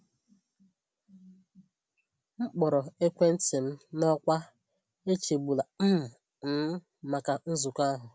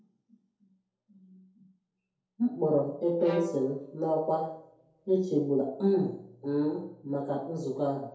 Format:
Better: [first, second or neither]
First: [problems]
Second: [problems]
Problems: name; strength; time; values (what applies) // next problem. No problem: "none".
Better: first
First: none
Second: background sound (Bowed string instrument); 15 dB below the speech // room echo; dies away in 2.2 s